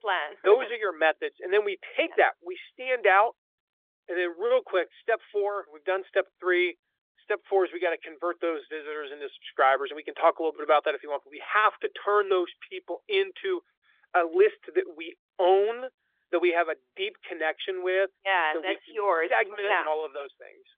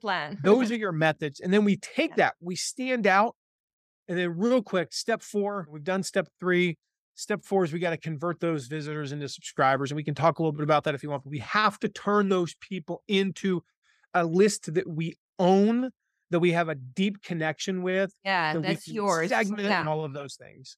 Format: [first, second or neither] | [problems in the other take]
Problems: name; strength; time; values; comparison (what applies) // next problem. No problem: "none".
second | phone-call audio